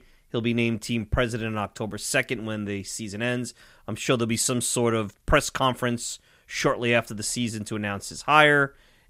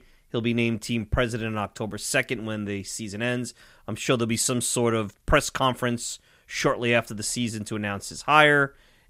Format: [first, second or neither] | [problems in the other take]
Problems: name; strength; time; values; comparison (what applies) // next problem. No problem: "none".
neither | none